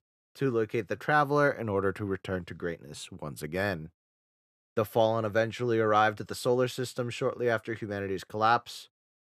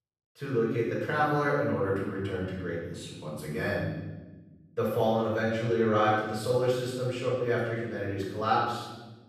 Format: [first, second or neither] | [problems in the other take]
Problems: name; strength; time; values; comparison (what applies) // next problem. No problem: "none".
first | off-mic speech; far // room echo; strong; dies away in 1.2 s